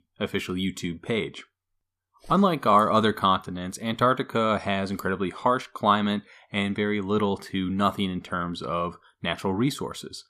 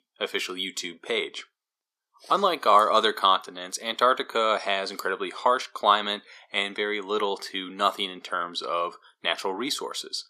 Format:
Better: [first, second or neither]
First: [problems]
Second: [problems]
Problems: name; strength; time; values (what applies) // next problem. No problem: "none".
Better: first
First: none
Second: thin; very; fading below 400 Hz